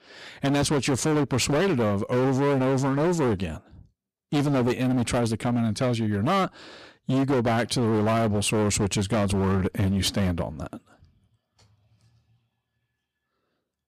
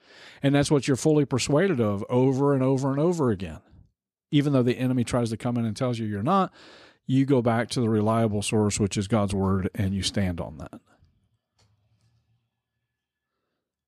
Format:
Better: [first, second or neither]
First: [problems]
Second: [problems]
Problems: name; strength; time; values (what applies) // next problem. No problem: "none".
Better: second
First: distortion; heavy; 18% of the sound clipped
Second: none